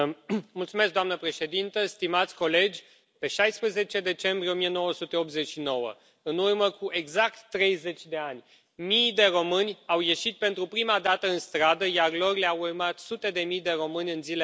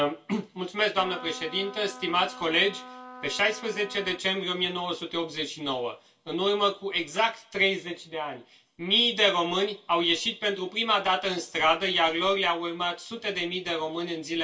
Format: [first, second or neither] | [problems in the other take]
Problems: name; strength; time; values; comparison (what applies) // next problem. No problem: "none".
first | background sound (Trumpet); 16 dB below the speech // room echo; dies away in 0.2 s